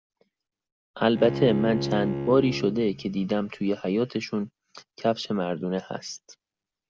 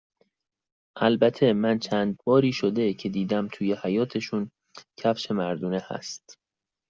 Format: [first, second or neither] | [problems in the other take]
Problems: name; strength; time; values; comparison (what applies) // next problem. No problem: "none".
second | background sound (Bowed string instrument); 6 dB below the speech